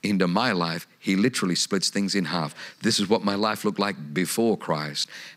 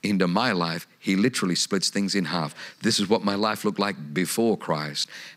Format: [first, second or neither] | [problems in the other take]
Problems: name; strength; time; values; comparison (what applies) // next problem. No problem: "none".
neither | none